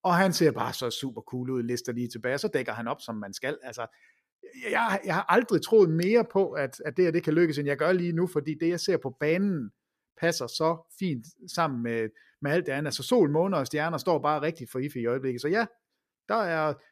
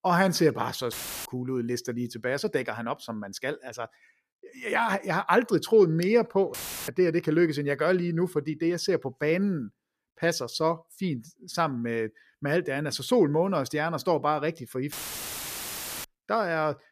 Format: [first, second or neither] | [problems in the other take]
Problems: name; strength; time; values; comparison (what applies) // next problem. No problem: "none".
first | audio cutting out; filled with static; at 1 s, at 6.5 s and at 15 s for 1 s